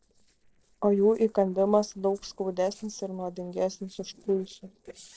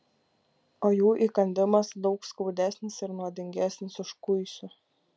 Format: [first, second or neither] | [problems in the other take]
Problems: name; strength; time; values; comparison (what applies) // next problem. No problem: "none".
second | noise reduction (neural separator model SepFormer DNS4)